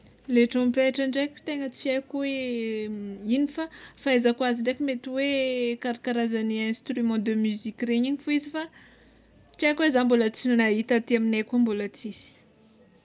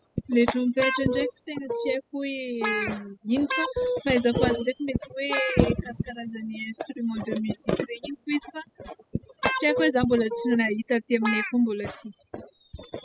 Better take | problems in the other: first | noise reduction (classical method spectral subtraction)

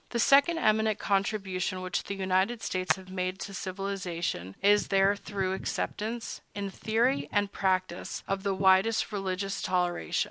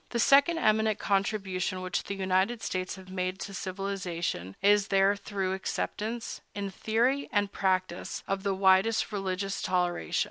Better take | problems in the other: second | background sound (Hands); 16 dB below the speech

